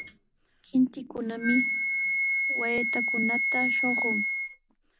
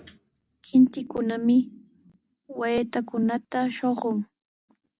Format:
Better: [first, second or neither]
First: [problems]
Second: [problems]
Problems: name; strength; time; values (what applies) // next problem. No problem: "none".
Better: second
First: background sound (Wind instrument, woodwind instrument); 3 dB above the speech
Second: none